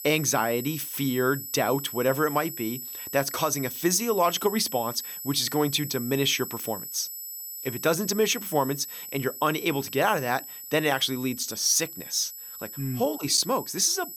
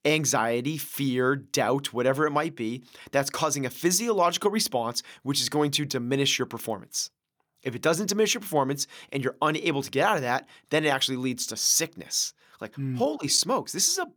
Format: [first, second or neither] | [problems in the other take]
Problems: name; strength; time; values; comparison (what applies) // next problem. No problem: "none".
second | high-pitched whine; loud; throughout; 12 kHz, 9 dB below the speech